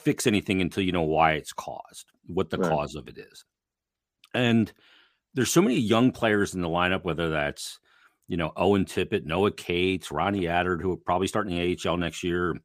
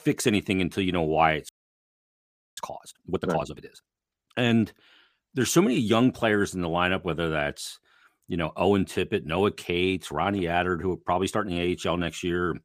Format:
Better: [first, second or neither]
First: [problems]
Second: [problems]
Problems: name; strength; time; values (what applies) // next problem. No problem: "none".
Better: first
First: none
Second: audio freezing; at 1.5 s for 1 s